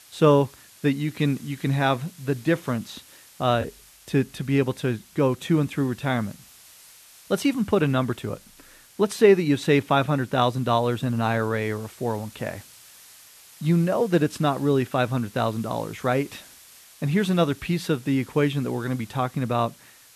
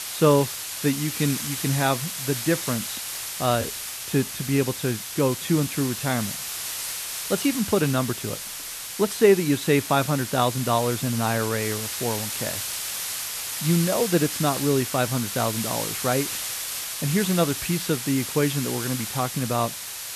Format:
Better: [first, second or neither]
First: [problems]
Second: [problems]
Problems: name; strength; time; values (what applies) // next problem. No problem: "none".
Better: first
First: hiss; faint; throughout; 25 dB below the speech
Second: hiss; loud; throughout; 4 dB below the speech